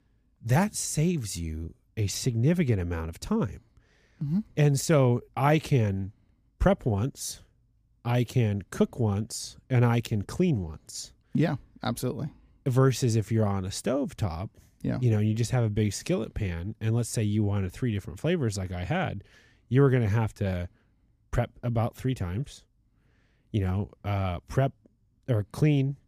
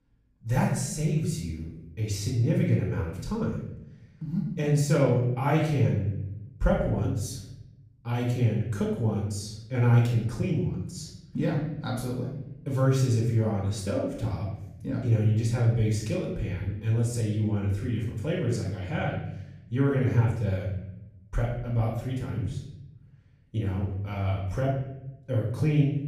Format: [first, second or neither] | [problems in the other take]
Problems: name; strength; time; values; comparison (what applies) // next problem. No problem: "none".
first | off-mic speech; far // room echo; noticeable; dies away in 0.8 s